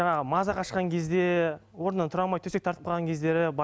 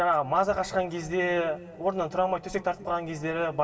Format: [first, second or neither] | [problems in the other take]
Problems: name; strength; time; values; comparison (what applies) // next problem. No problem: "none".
first | room echo; dies away in 3 s